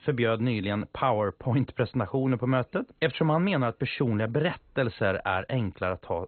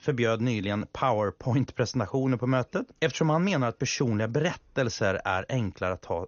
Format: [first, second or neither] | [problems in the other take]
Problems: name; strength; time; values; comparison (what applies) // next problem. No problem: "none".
second | garbled, watery; badly; nothing above 4 kHz; slightly in the second